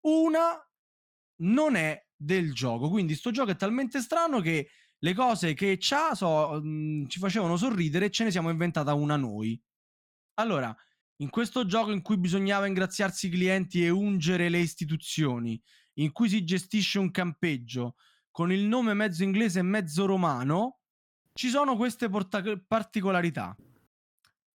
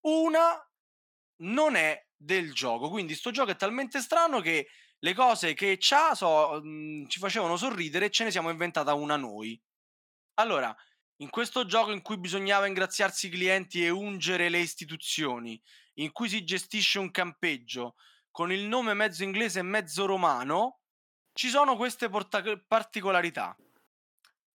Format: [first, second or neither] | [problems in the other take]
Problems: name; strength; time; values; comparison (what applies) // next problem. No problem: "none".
first | thin; somewhat; fading below 400 Hz